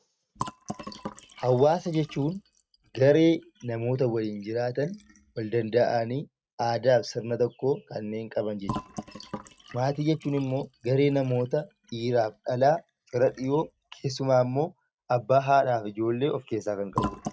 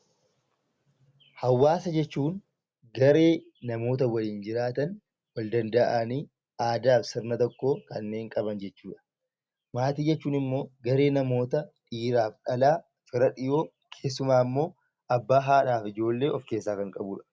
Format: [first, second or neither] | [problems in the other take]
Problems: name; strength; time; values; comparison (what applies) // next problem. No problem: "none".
second | noise reduction (neural mask model RNNoise)